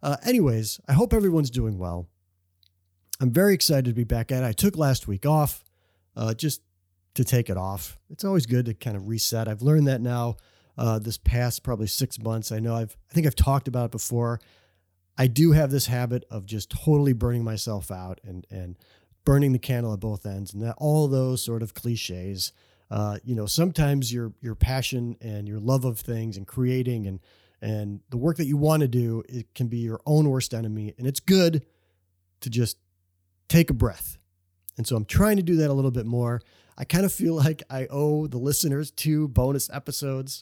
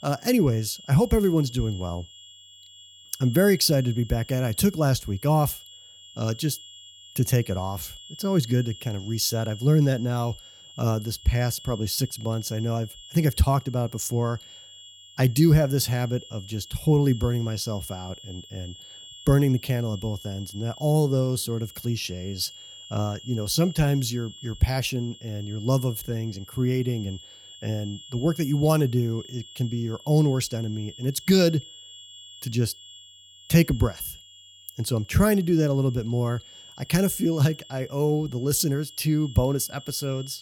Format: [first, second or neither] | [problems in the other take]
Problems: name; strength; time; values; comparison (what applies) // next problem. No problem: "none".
first | high-pitched whine; noticeable; throughout; 3.5 kHz, 20 dB below the speech